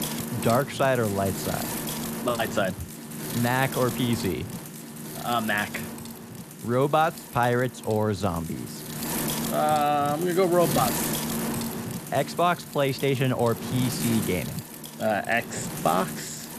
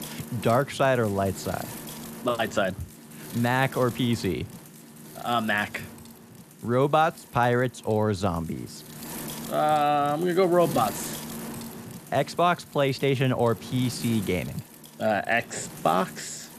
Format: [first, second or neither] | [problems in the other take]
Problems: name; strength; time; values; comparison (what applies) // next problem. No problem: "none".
second | wind noise on the microphone; heavy; 10 dB below the speech; occasional gusts in the second